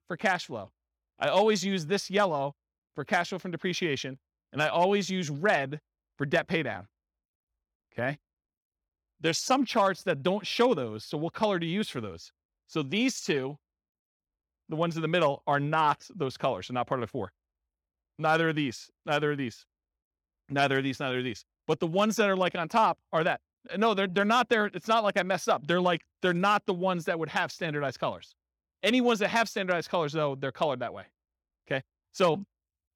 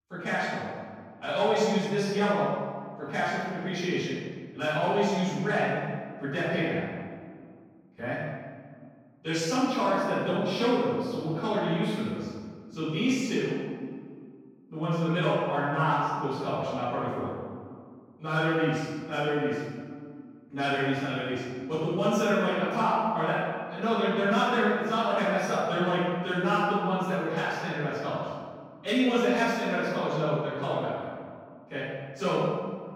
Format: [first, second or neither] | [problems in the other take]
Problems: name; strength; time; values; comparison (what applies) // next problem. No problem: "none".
first | off-mic speech; far // room echo; strong; dies away in 1.7 s